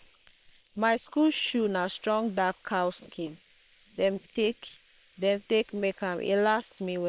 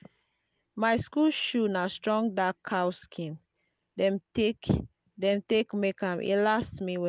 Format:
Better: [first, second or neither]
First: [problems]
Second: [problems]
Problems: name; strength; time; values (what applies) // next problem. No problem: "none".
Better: second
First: noise reduction (neural separator model SepFormer WHAM!)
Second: none